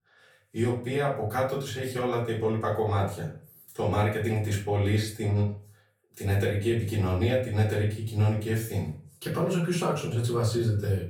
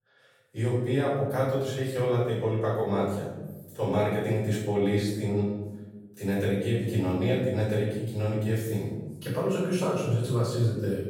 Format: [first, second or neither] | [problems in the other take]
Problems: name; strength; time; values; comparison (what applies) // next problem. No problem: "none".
first | room echo; strong; dies away in 1.1 s; slight in the first // off-mic speech; far; far in the first